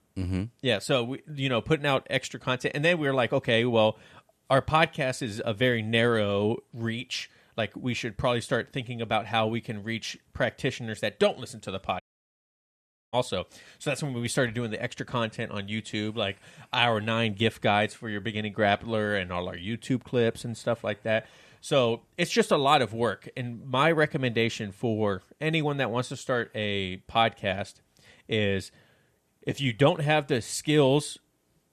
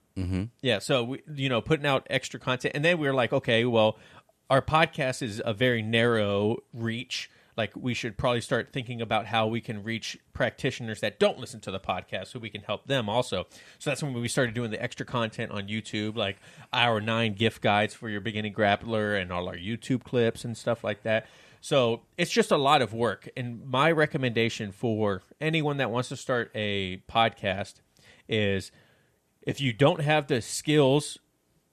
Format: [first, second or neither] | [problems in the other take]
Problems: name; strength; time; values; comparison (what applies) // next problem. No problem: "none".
second | audio cutting out; at 12 s for 1 s